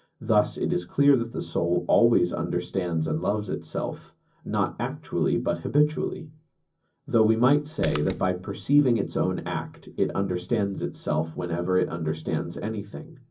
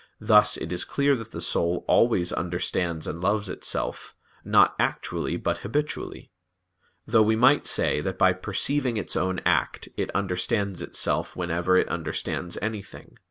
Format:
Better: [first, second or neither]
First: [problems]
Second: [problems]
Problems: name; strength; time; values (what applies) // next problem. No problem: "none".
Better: second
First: background sound (Splash, splatter); 13 dB below the speech // room echo; dies away in 0.4 s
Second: none